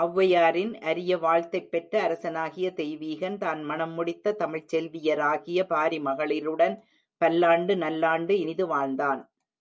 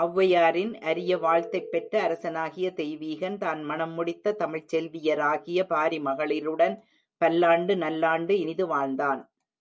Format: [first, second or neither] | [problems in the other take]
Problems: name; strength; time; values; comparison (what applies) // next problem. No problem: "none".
first | background sound (Telephone); 13 dB below the speech